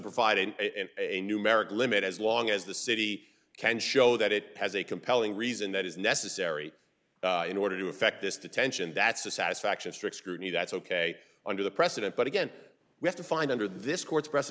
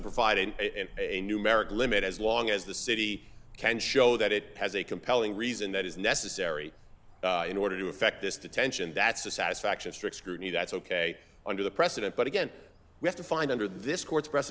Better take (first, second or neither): first